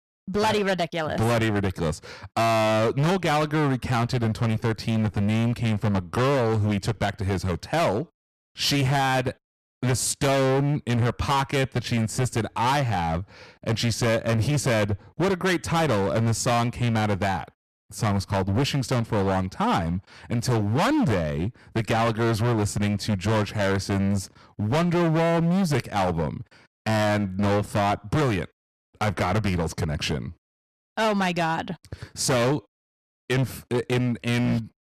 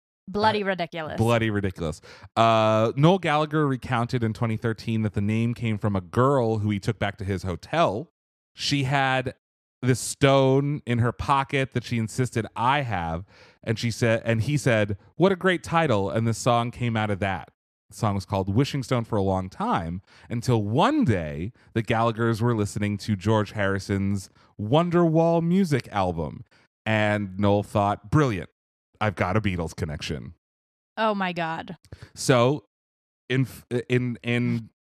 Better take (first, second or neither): second